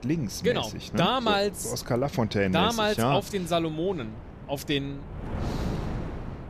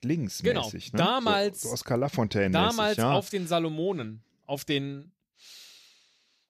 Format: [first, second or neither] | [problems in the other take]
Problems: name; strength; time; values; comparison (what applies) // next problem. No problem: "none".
second | wind noise on the microphone; occasional gusts; 15 dB below the speech